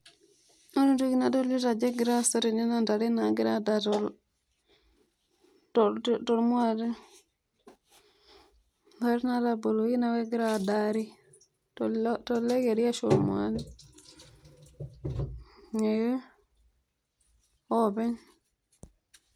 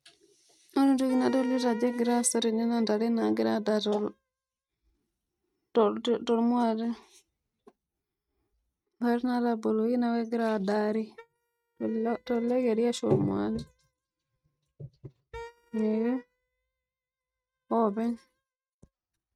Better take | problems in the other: first | noise reduction (neural mask model RNNoise)

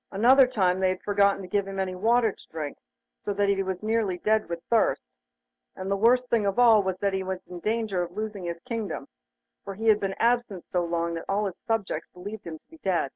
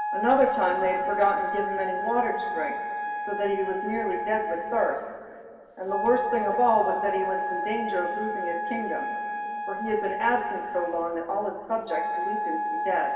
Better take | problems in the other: first | background sound (Wind instrument, woodwind instrument); 3 dB below the speech // room echo; dies away in 2.3 s

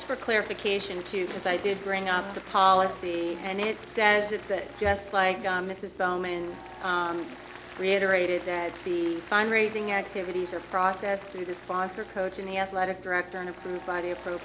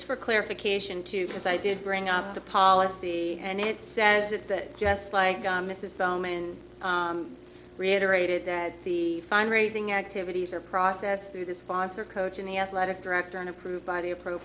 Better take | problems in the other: second | background sound (Applause); 18 dB below the speech

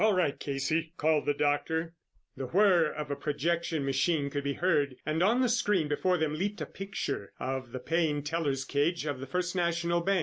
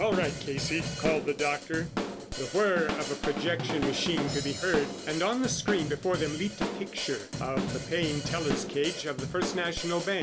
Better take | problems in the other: first | background sound (Drum / Drum kit); 4 dB below the speech

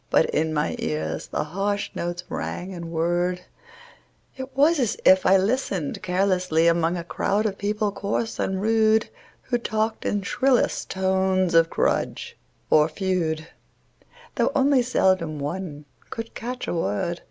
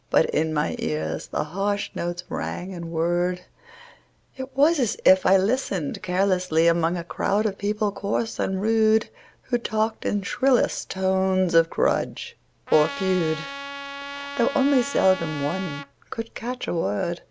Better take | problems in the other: first | background sound (Trumpet); 11 dB below the speech

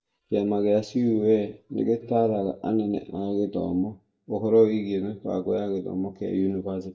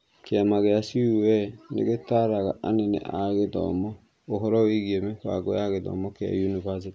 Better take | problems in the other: second | noise reduction (neural mask model DeepFilterNet 3)

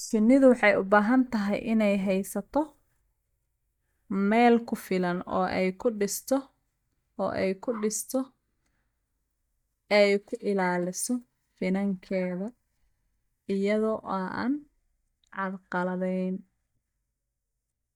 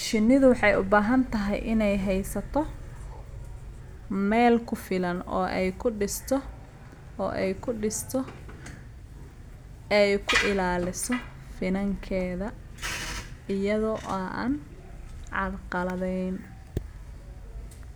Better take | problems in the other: second | noise reduction (neural mask model DeepFilterNet 3)

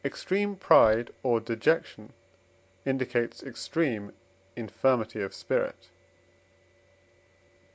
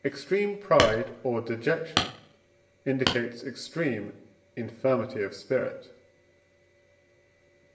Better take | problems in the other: first | background sound (Hammer); 3 dB below the speech // room echo; dies away in 0.7 s

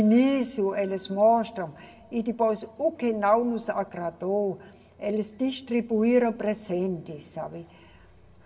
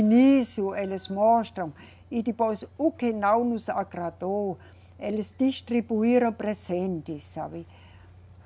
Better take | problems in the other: second | room echo; dies away in 1.9 s

